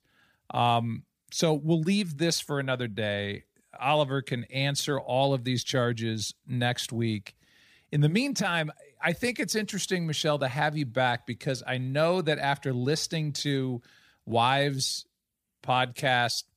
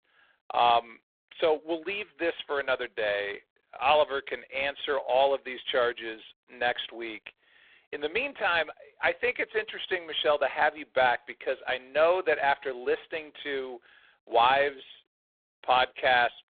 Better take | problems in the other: first | phone-call audio; poor line; nothing above 3.5 kHz

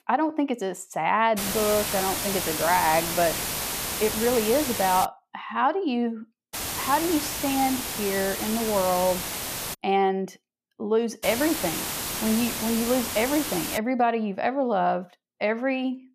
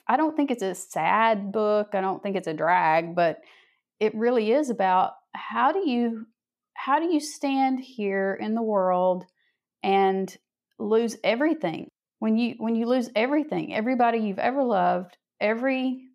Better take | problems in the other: second | hiss; loud; from 1.5 to 5 s, from 6.5 to 9.5 s and from 11 to 14 s; 3 dB below the speech

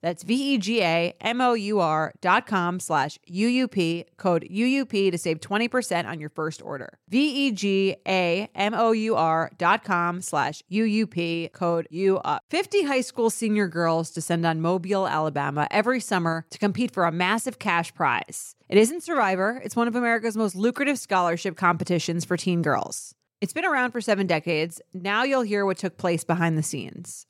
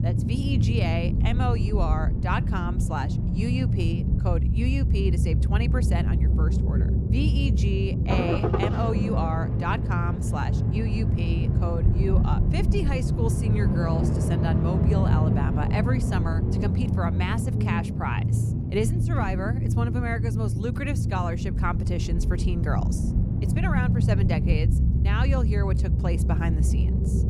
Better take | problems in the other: first | low rumble; loud; throughout; 3 dB below the speech

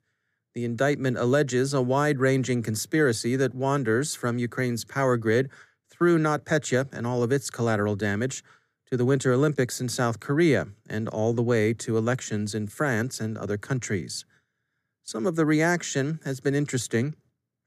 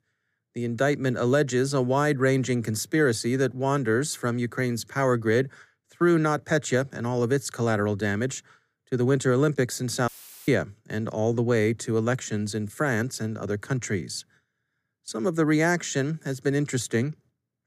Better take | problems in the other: first | audio cutting out; filled with static; at 10 s

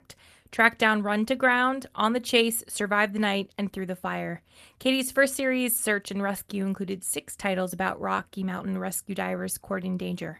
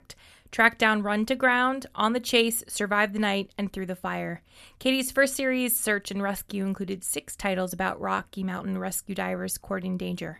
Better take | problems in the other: second | garbled, watery; slightly; nothing above 13 kHz

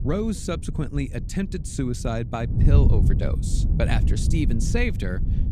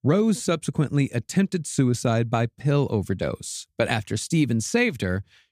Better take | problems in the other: second | wind noise on the microphone; heavy; 7 dB below the speech

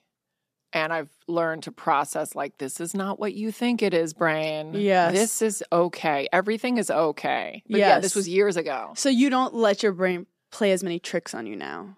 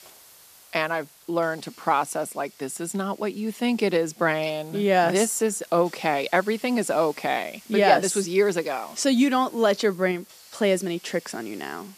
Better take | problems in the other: first | hiss; faint; throughout; 25 dB below the speech

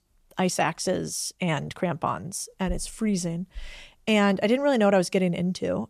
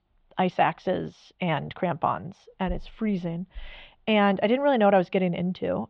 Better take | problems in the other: first | muffled; very; fading above 3.5 kHz

